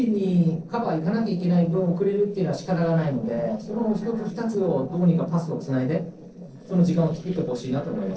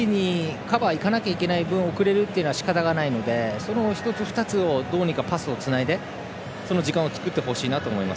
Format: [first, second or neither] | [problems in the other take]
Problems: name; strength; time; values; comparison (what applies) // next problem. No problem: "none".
second | noise reduction (neural separator model SepFormer DNS4)